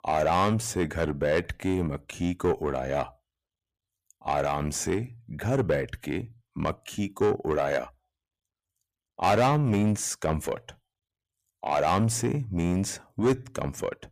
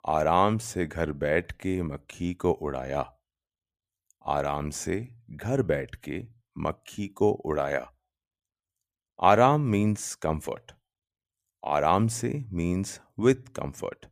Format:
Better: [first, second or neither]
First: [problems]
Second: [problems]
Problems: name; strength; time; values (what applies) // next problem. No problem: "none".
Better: second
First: distortion; heavy; 8 dB below the speech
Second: none